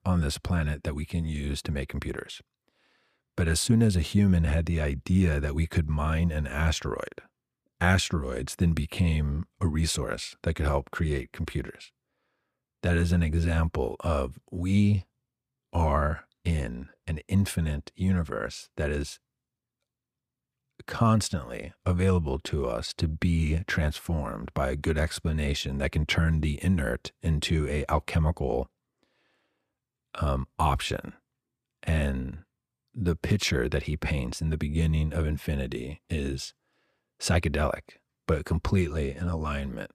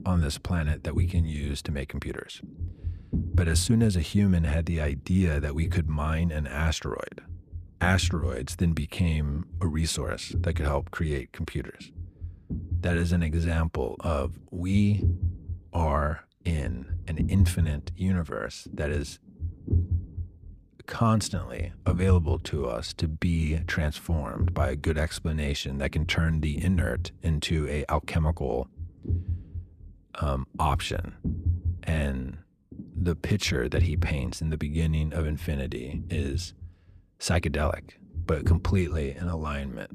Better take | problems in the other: first | low rumble; noticeable; throughout; 15 dB below the speech

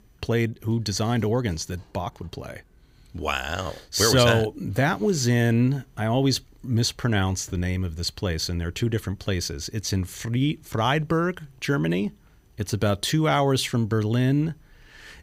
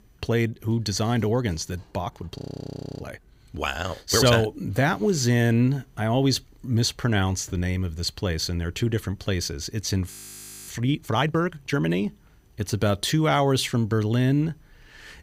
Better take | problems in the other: first | audio freezing; at 2.5 s for 0.5 s and at 10 s for 0.5 s

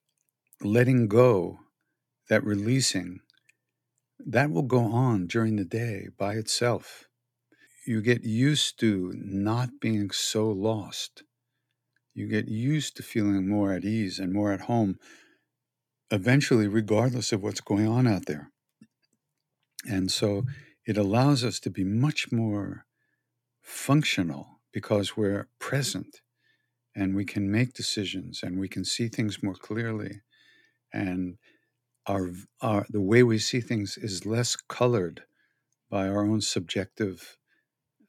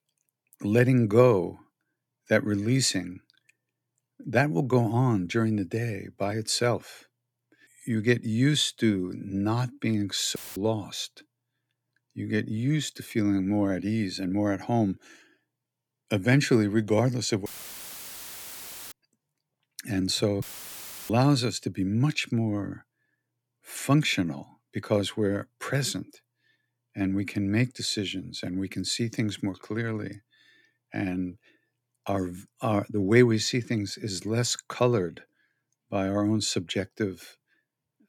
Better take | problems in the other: first | audio cutting out; filled with static; at 10 s, at 17 s for 1.5 s and at 20 s for 0.5 s

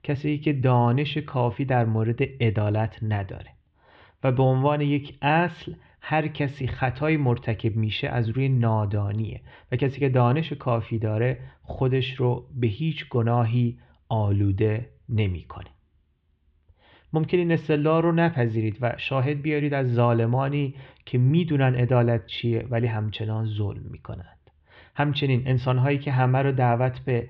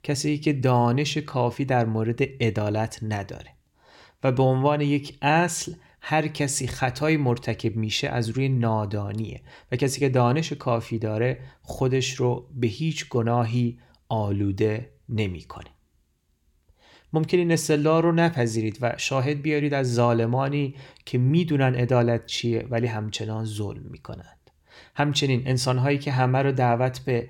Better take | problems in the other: second | muffled; very; fading above 3.5 kHz

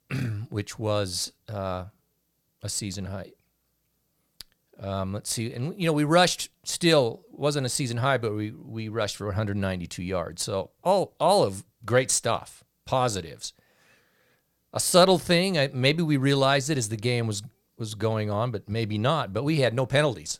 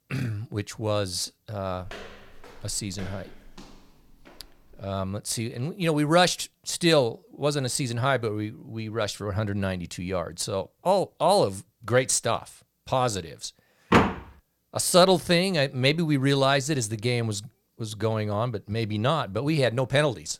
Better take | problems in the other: first | footsteps; faint; from 2 to 5 s; peak 15 dB below the speech // door banging; loud; at 14 s; peak 4 dB above the speech

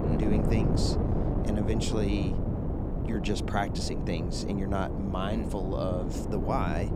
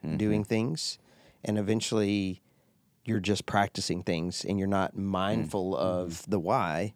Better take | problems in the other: second | wind noise on the microphone; heavy; 3 dB below the speech

